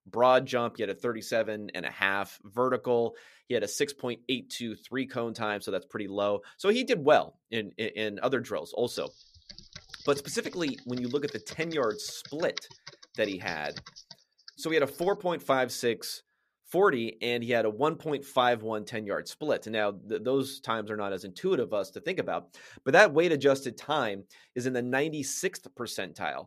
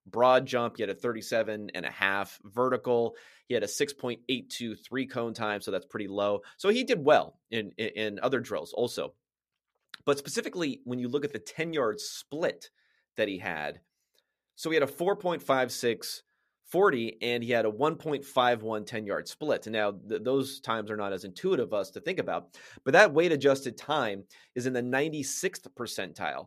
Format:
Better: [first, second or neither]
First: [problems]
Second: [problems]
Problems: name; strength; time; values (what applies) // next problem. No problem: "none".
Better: second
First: keyboard typing; faint; from 9 to 15 s; peak 10 dB below the speech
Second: none